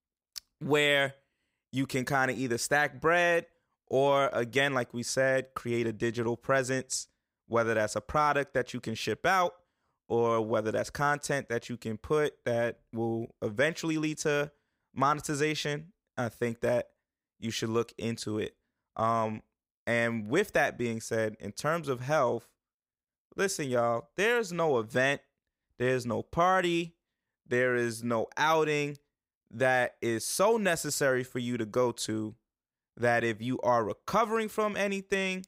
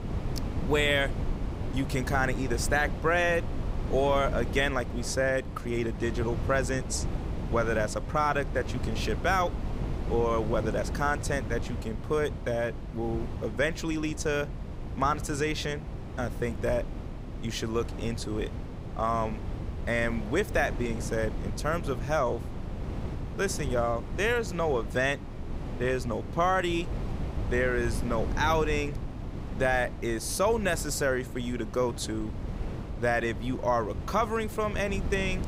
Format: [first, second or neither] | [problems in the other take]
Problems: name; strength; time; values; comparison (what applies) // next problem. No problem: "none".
first | wind noise on the microphone; occasional gusts; 15 dB below the speech